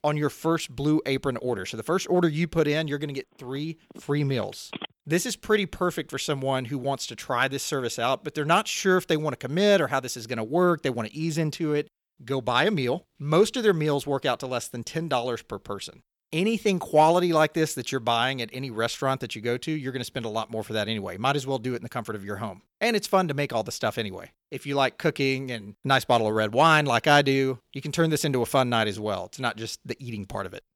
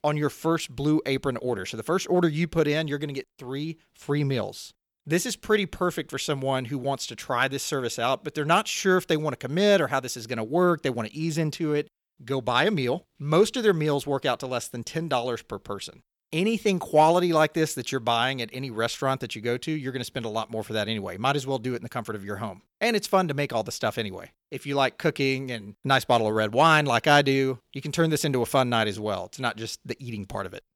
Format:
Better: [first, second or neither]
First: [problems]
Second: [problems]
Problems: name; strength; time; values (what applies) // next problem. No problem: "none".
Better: second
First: phone ringing; faint; from 3.5 to 5 s; peak 10 dB below the speech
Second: none